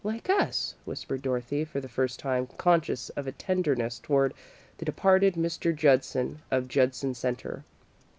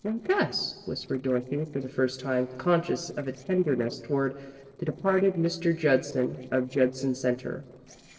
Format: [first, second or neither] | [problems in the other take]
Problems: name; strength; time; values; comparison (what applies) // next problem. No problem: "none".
first | noise reduction (neural separator model SepFormer DNS4)